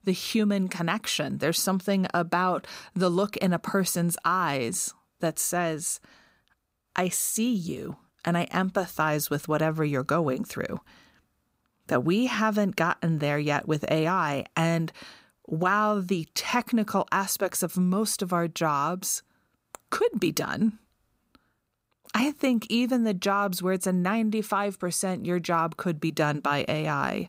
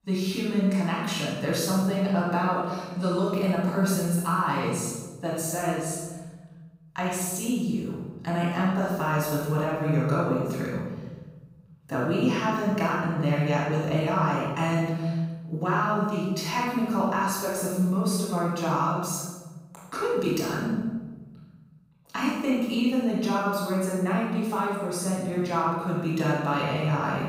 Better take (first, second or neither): first